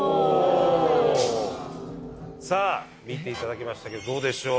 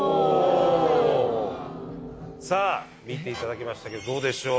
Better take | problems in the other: second | background sound (Shatter); 16 dB below the speech

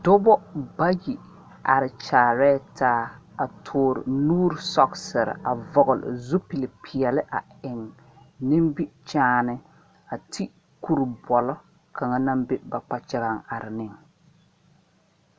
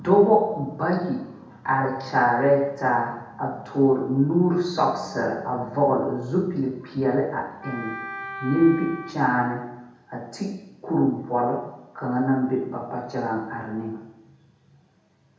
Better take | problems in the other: first | background sound (Wind instrument, woodwind instrument); 12 dB below the speech // room echo; dies away in 0.8 s

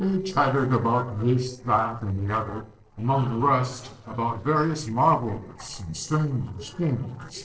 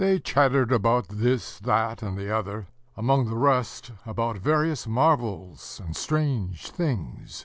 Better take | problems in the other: second | noise reduction (neural separator model SepFormer DNS4)

